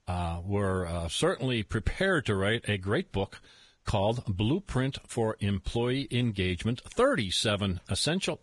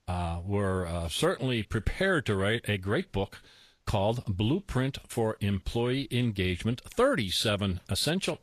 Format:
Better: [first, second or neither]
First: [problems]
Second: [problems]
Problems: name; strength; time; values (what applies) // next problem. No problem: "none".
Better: second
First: garbled, watery; badly; nothing above 10.5 kHz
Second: garbled, watery; slightly; nothing above 12.5 kHz